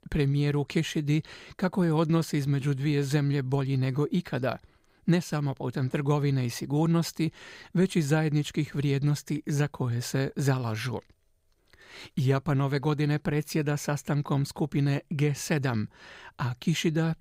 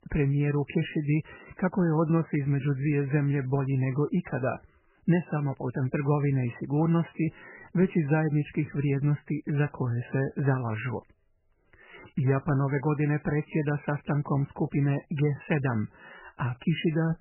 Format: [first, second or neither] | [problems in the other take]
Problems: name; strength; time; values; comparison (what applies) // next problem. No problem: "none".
first | garbled, watery; badly; nothing above 3 kHz